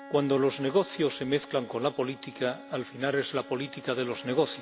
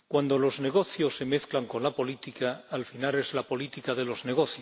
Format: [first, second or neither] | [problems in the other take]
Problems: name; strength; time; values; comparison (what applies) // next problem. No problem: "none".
second | background sound (Bowed string instrument); 18 dB below the speech